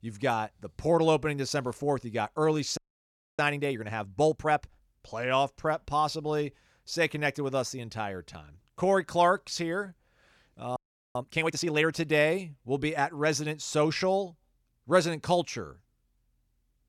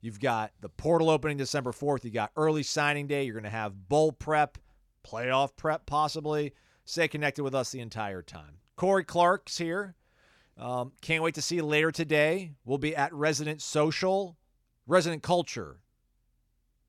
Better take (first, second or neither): second